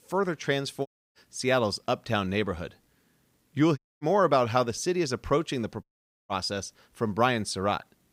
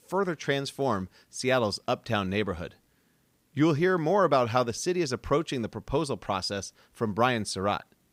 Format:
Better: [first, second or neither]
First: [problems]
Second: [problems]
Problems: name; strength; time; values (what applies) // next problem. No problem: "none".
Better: second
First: audio cutting out; at 1 s, at 4 s and at 6 s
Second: none